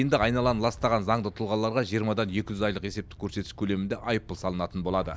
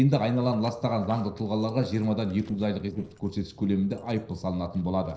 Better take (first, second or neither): first